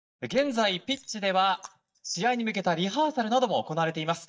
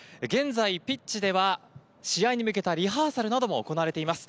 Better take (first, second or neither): second